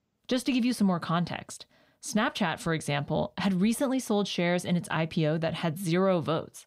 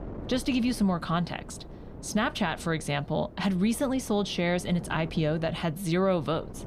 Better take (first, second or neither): first